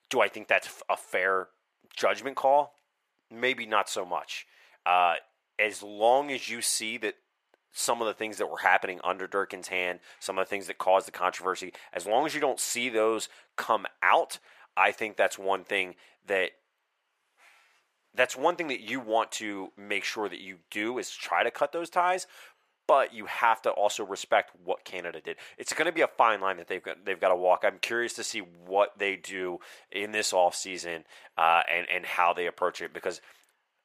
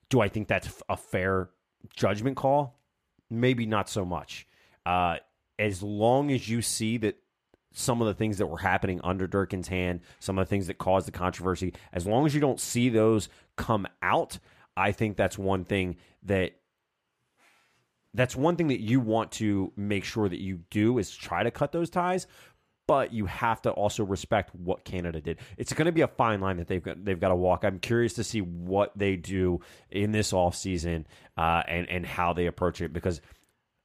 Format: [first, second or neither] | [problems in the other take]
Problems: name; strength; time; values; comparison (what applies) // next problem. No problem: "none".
second | thin; very; fading below 650 Hz